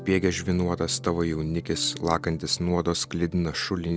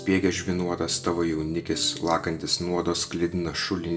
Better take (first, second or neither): first